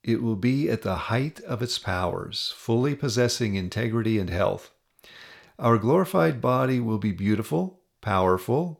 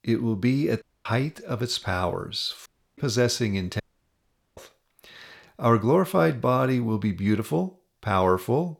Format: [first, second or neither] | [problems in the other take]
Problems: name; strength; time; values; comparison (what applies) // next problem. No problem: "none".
first | audio cutting out; at 1 s, at 2.5 s and at 4 s for 1 s